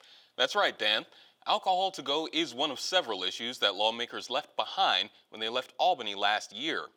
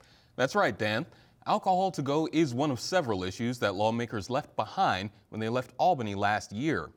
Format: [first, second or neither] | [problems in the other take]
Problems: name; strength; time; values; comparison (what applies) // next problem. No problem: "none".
second | thin; somewhat; fading below 450 Hz